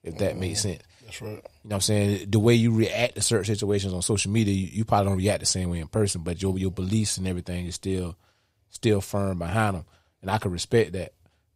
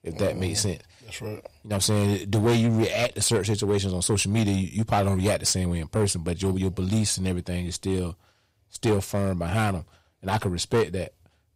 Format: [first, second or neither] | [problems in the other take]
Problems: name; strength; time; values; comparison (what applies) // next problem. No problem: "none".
first | distortion; slight; 6% of the sound clipped